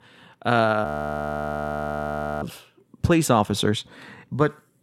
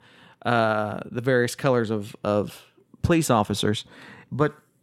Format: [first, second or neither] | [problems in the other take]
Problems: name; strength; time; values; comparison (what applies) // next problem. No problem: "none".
second | audio freezing; at 1 s for 1.5 s